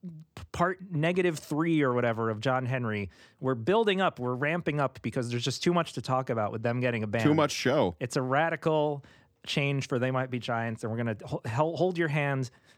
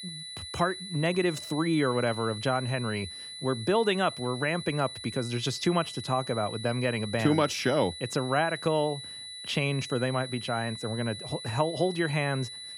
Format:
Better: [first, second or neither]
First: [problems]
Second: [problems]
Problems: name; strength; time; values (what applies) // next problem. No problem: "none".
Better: first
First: none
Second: high-pitched whine; loud; throughout; 4 kHz, 10 dB below the speech